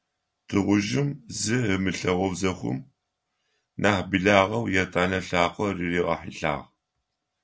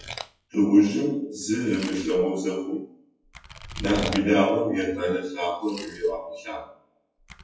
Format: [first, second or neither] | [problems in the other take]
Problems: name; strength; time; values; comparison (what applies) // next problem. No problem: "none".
first | noise reduction (classical method WPE with log-MMSE)